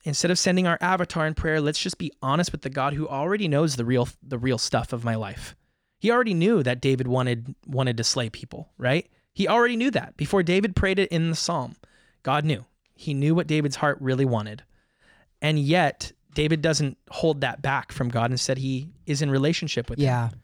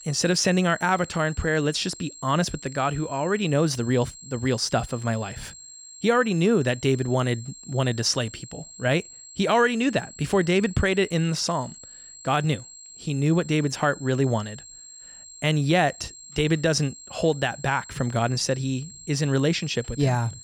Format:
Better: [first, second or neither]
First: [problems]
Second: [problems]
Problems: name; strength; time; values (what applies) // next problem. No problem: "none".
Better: first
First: none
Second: high-pitched whine; noticeable; throughout; 7.5 kHz, 15 dB below the speech